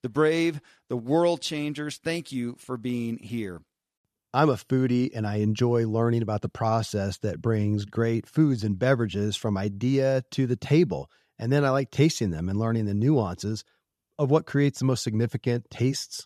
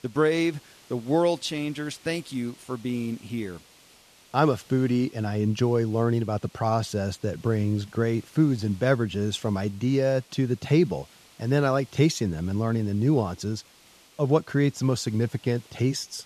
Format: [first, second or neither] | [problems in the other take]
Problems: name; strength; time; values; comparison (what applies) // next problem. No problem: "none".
first | hiss; faint; throughout; 25 dB below the speech